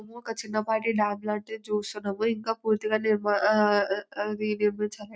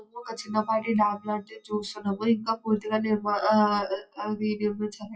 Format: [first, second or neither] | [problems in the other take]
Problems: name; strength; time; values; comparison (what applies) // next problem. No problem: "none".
first | noise reduction (classical method WPE with log-MMSE)